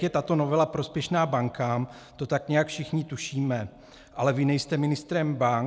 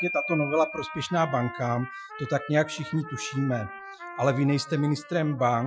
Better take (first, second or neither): first